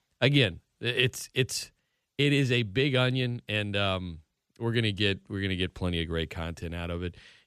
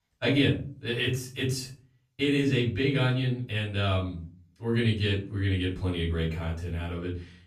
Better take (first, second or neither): first